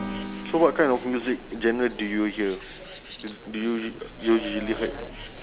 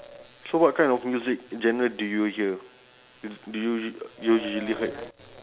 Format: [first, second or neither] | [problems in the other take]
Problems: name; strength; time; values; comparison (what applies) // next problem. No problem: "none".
second | background sound (Bird + Acoustic guitar / Strum); 13 dB below the speech